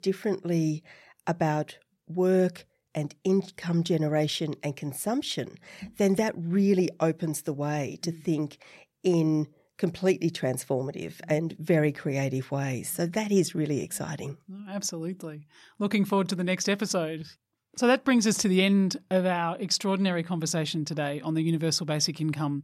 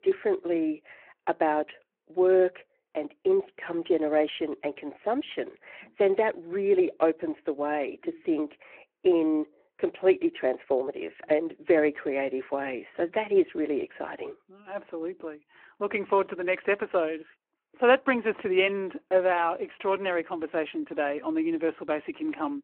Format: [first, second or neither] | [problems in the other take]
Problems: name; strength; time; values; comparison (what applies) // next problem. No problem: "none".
first | phone-call audio